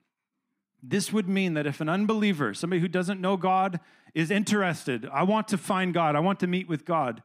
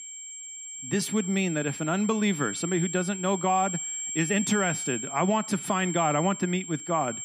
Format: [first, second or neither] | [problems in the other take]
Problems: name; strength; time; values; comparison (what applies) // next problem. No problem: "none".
first | high-pitched whine; loud; throughout; 7.5 kHz, 6 dB below the speech